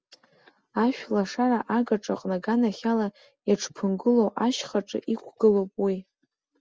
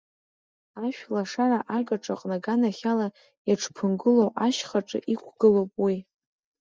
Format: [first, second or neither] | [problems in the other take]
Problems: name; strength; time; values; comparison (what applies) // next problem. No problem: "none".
first | noise reduction (neural mask model DeepFilterNet 3)